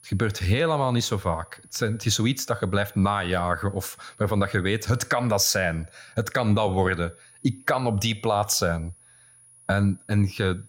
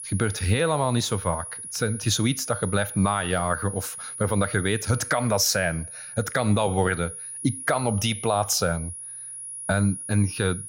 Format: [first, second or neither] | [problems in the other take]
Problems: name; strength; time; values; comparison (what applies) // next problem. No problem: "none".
first | high-pitched whine; loud; throughout; 10.5 kHz, 9 dB below the speech; faint in the first